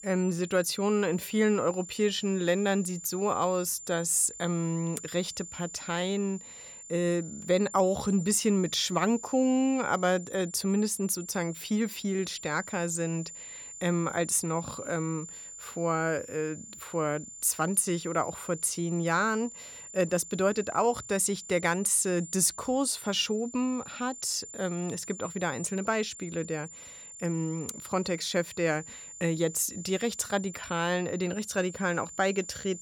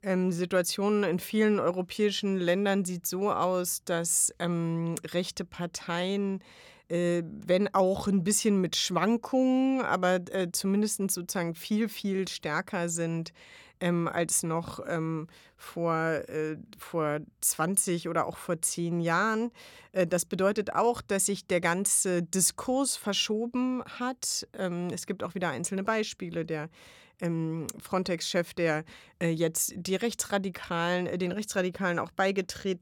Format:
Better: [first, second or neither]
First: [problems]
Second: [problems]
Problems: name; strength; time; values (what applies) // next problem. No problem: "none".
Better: second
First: high-pitched whine; noticeable; throughout; 7 kHz, 15 dB below the speech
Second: none